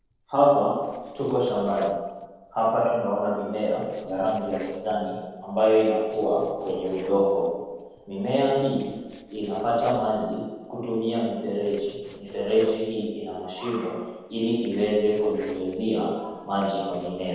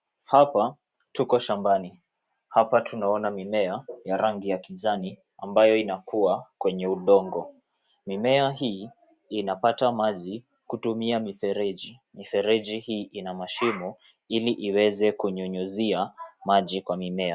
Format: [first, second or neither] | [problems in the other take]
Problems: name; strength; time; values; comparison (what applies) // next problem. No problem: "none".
second | noise reduction (neural separator model SepFormer DNS4)